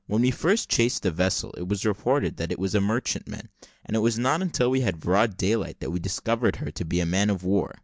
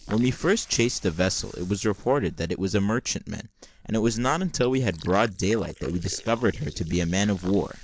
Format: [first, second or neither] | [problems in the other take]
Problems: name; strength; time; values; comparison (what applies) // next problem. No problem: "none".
first | noise reduction (neural mask model Resemble Enhance denoiser)